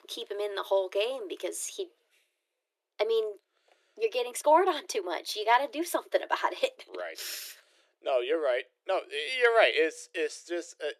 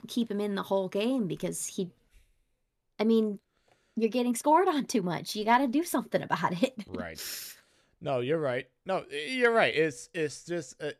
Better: second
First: thin; very; fading below 350 Hz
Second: none

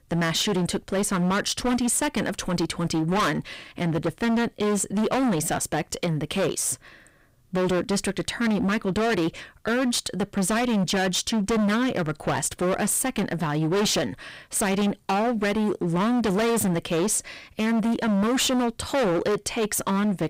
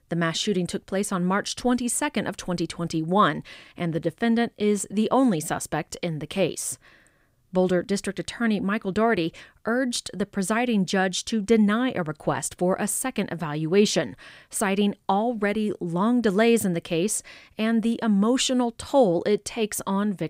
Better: second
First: distortion; heavy; 25% of the sound clipped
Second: none

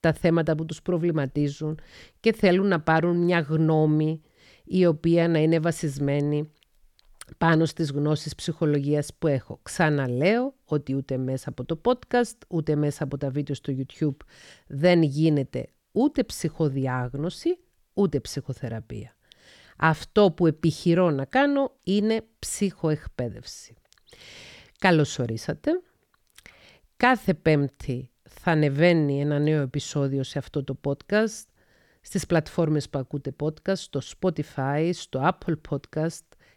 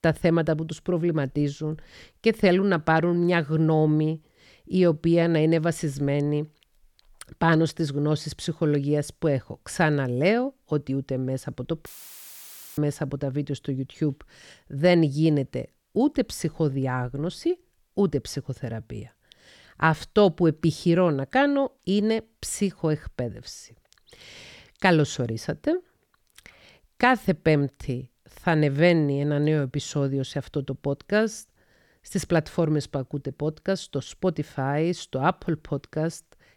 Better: first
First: none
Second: audio cutting out; filled with static; at 12 s for 1 s

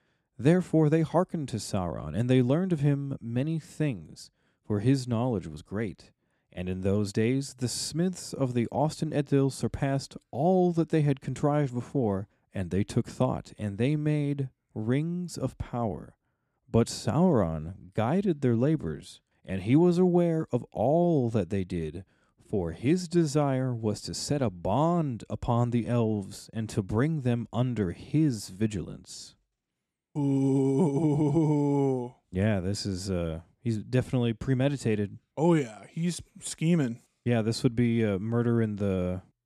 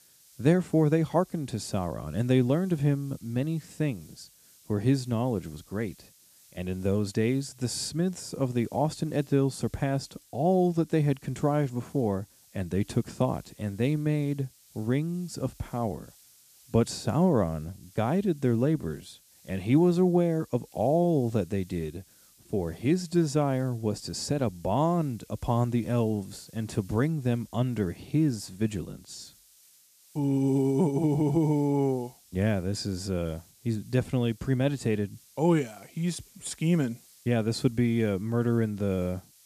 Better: first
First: none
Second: hiss; faint; throughout; 25 dB below the speech

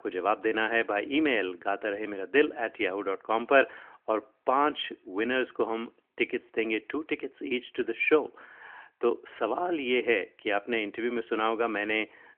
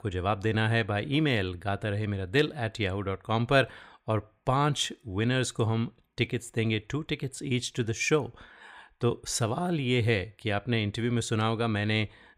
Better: second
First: phone-call audio; nothing above 3 kHz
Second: none

